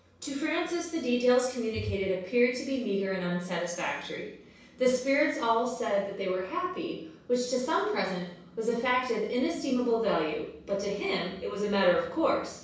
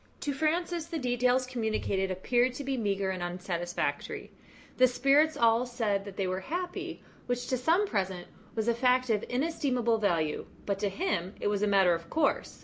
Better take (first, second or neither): second